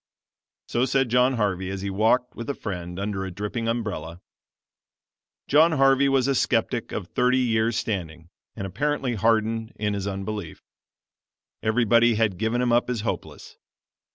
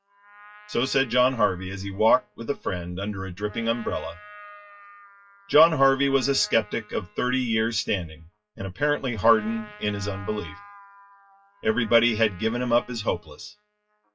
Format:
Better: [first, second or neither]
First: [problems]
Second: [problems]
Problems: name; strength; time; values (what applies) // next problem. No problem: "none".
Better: first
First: none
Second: noise reduction (classical method WPE with log-MMSE)